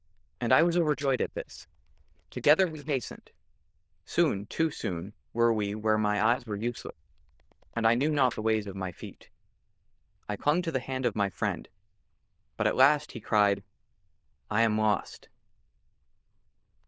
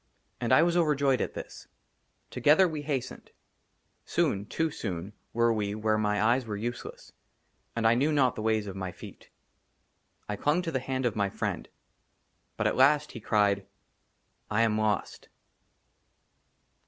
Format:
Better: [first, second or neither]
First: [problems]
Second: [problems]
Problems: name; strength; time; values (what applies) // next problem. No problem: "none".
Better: second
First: noise reduction (neural diffusion model UNIVERSE++)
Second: none